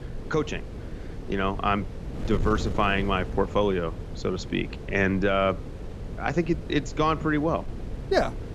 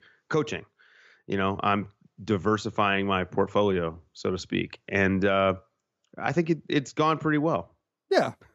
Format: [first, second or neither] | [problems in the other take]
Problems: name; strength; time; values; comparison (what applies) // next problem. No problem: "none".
second | wind noise on the microphone; occasional gusts; 15 dB below the speech